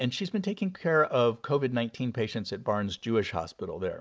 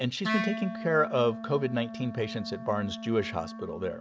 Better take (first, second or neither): first